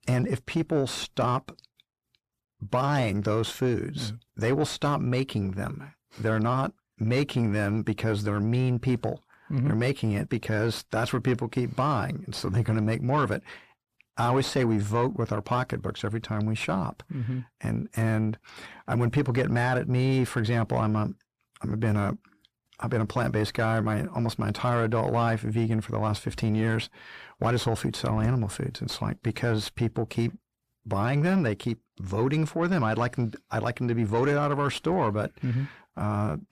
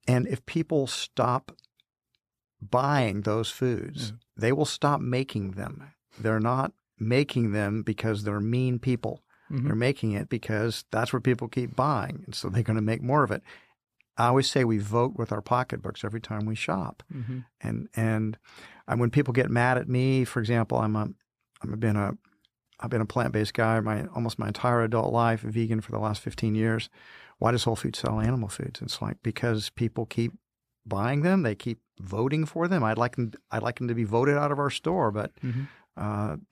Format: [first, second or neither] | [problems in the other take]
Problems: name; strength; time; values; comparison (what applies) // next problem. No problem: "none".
second | distortion; slight; 10 dB below the speech